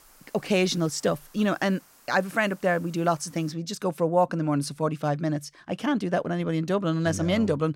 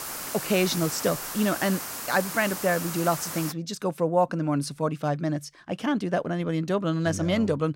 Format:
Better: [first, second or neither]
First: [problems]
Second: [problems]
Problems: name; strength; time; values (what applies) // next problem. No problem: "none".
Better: first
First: hiss; faint; until 3.5 s; 25 dB below the speech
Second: hiss; loud; until 3.5 s; 6 dB below the speech